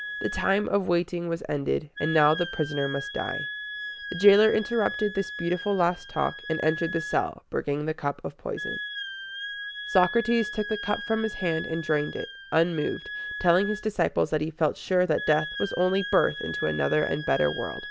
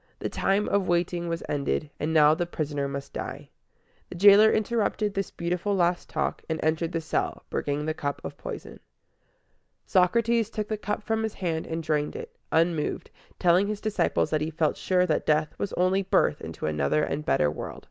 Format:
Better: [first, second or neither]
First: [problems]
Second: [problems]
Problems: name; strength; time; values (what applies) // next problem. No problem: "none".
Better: second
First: background sound (Wind instrument, woodwind instrument); 10 dB below the speech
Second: none